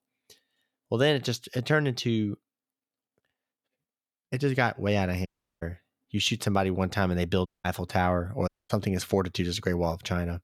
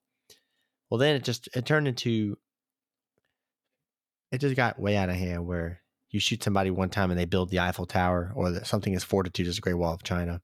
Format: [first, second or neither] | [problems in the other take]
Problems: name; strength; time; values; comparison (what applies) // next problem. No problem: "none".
second | audio cutting out; at 5.5 s, at 7.5 s and at 8.5 s